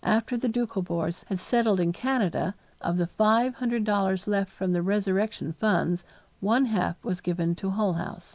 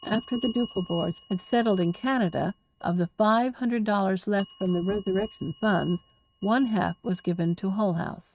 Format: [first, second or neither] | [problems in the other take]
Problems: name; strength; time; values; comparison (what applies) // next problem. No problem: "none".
first | noise reduction (neural mask model RNNoise)